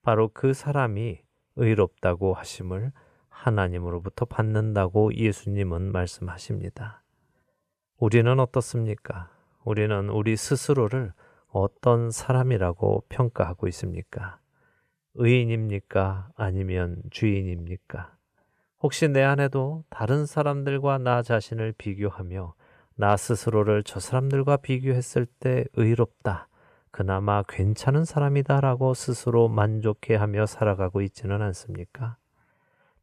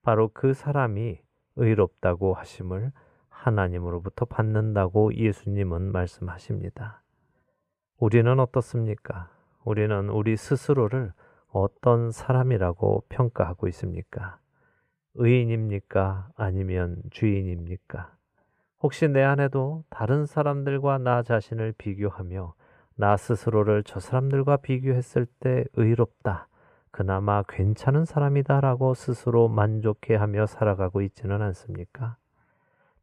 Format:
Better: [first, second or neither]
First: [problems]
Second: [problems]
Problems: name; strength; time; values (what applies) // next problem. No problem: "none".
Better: first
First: none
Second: muffled; slightly; fading above 3 kHz